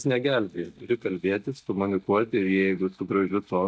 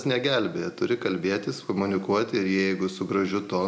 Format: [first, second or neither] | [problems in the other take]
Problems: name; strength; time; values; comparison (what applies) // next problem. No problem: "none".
second | noise reduction (neural mask model DeepFilterNet 3)